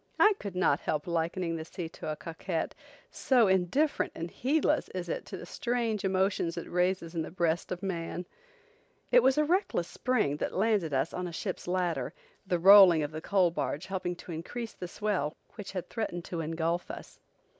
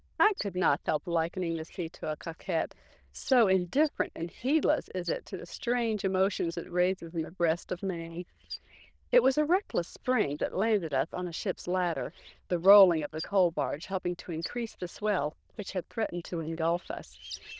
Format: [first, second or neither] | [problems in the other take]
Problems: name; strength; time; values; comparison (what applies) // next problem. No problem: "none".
first | noise reduction (neural diffusion model UNIVERSE++)